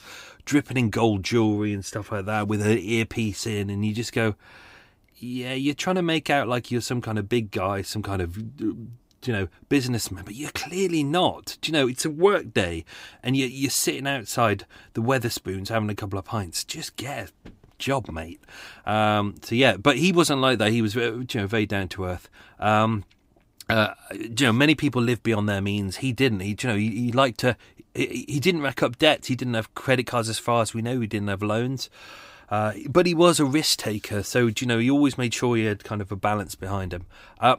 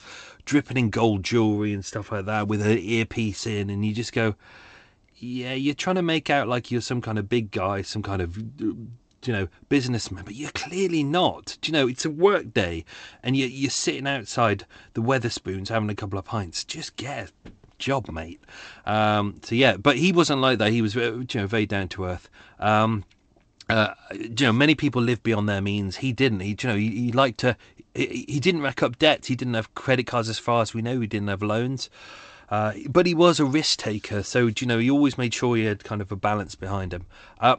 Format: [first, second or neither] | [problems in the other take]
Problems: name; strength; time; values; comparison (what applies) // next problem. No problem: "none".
first | garbled, watery; slightly; nothing above 8 kHz